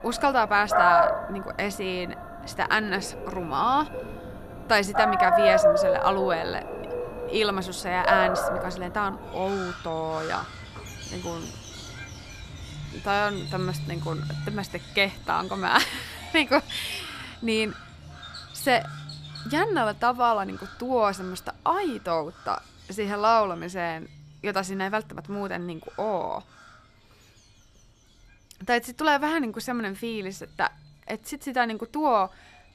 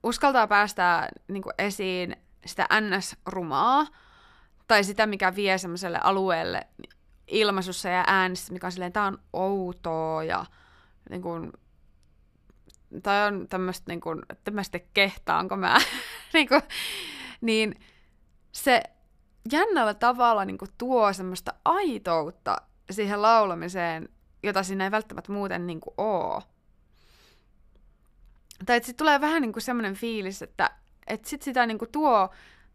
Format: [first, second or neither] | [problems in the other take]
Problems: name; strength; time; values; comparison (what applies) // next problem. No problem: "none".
second | animal sounds; loud; throughout; 3 dB below the speech